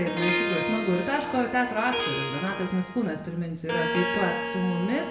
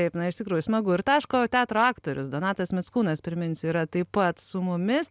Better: second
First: background sound (Harp); 3 dB below the speech // room echo; dies away in 0.9 s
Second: none

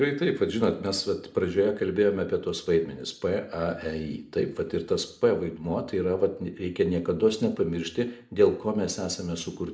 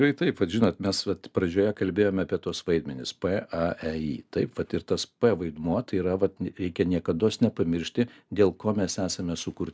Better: second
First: room echo; dies away in 0.6 s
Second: none

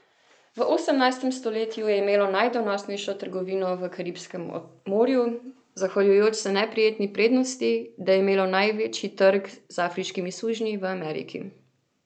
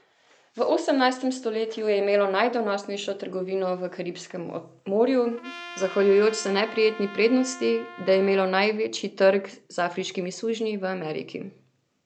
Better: first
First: none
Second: background sound (Trumpet); 16 dB below the speech

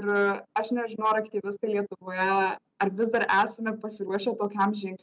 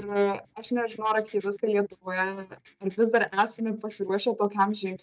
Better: first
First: none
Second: noise reduction (neural mask model DeepFilterNet 3)

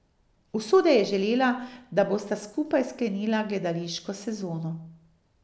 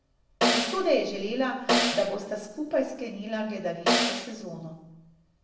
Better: first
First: none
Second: background sound (Snare drum); 2 dB above the speech // room echo; dies away in 0.7 s

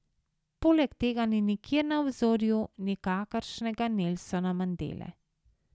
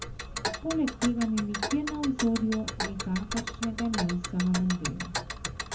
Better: first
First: none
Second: background sound (Tick); 5 dB below the speech // room echo; dies away in 0.3 s

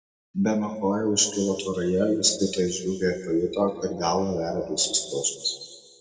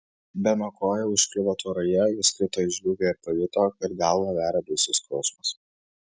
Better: second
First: room echo; dies away in 1.5 s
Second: none

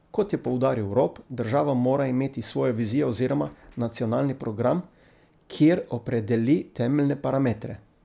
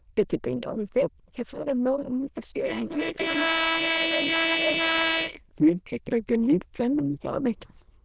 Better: first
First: none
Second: noise reduction (neural diffusion model UNIVERSE++)

